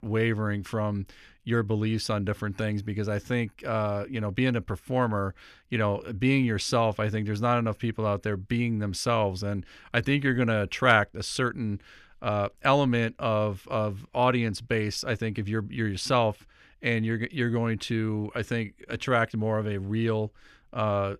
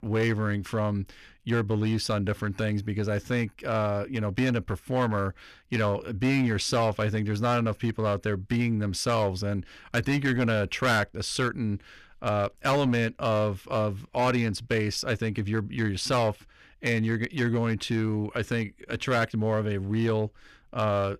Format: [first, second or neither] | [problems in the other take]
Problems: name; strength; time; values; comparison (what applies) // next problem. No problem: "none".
first | distortion; slight; 6% of the sound clipped